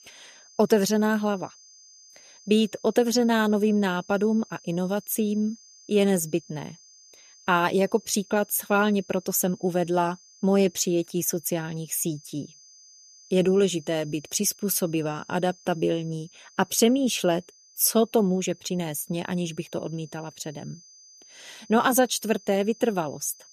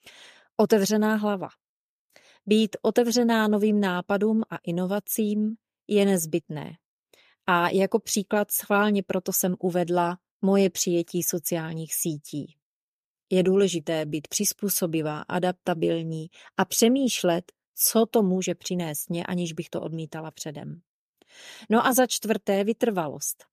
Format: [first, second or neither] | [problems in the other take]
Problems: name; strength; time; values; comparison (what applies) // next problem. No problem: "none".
second | high-pitched whine; faint; throughout; 6.5 kHz, 25 dB below the speech